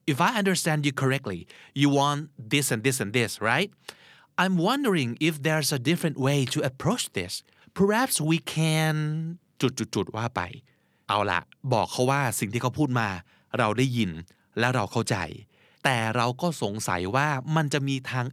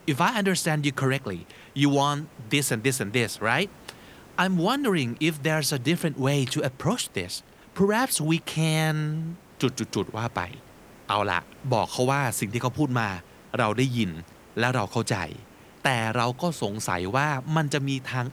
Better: first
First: none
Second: hiss; faint; throughout; 25 dB below the speech

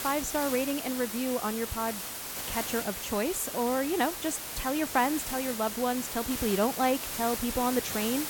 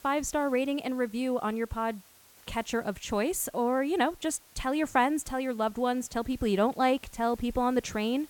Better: second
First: hiss; loud; throughout; 4 dB below the speech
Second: hiss; faint; throughout; 25 dB below the speech

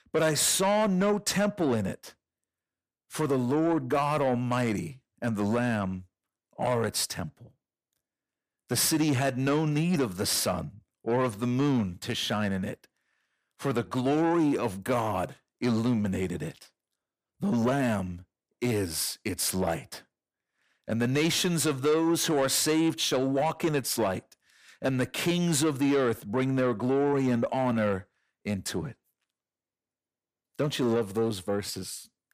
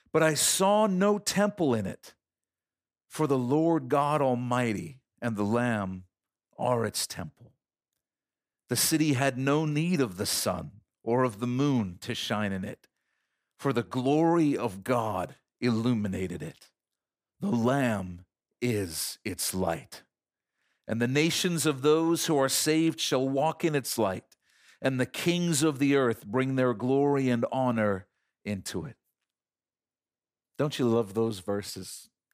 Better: second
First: distortion; slight; 10 dB below the speech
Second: none

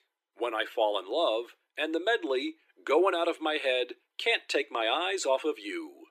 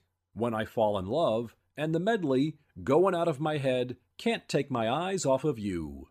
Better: second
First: thin; very; fading below 300 Hz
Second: none

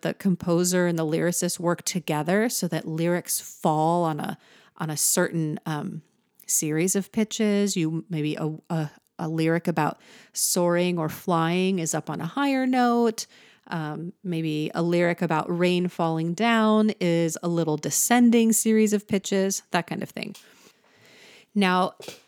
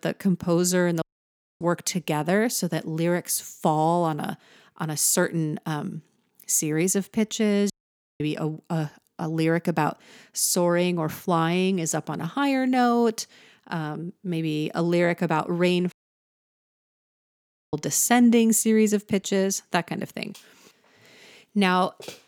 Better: first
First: none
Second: audio cutting out; at 1 s for 0.5 s, at 7.5 s and at 16 s for 2 s

